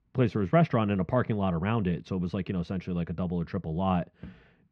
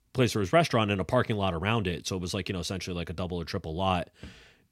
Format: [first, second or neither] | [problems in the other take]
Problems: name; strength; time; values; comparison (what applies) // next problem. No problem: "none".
second | muffled; very; fading above 2 kHz